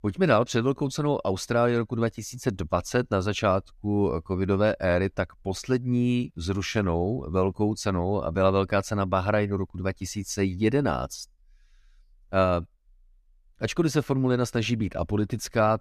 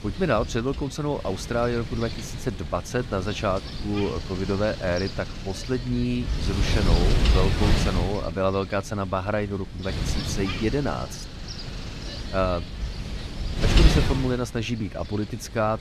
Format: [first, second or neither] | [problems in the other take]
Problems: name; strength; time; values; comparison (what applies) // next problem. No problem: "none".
first | wind noise on the microphone; heavy; 5 dB below the speech